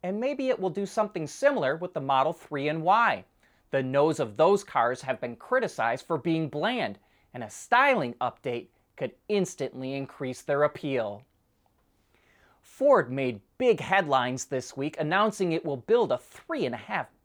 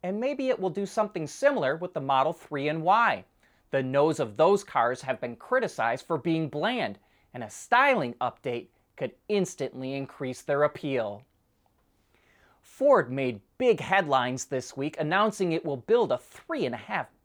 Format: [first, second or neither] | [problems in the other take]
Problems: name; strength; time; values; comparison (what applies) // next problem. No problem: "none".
neither | none